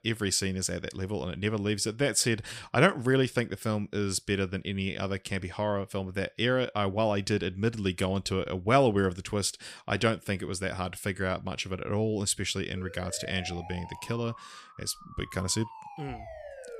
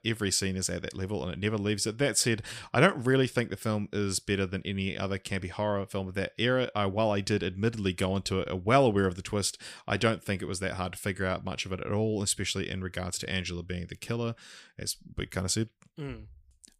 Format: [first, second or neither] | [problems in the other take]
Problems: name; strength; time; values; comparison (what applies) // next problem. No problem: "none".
second | siren; faint; from 13 s on; peak 15 dB below the speech